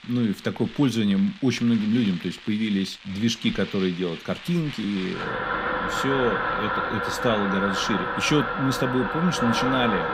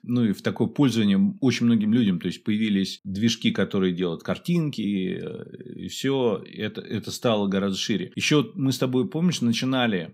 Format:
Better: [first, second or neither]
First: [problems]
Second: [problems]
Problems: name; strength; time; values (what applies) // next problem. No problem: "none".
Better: second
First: household noises; loud; throughout; 3 dB below the speech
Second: none